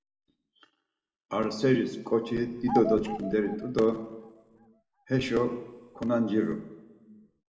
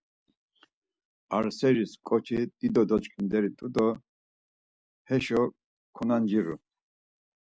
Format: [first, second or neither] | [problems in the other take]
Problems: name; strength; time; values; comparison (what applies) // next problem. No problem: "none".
second | background sound (Bird vocalization, bird call, bird song); 8 dB below the speech // room echo; dies away in 1 s